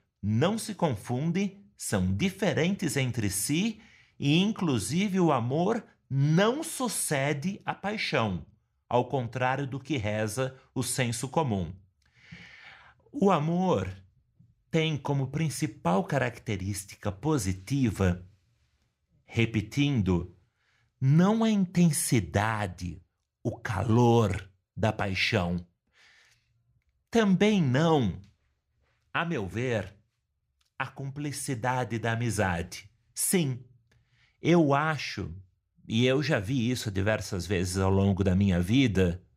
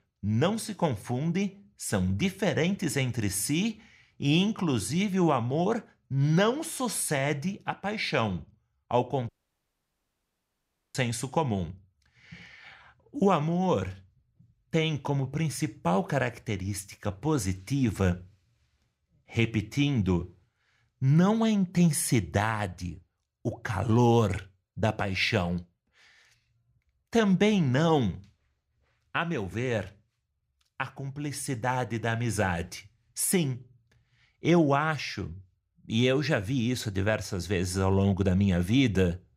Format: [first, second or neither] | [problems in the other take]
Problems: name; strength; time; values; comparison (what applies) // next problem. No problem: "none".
first | audio cutting out; at 9.5 s for 1.5 s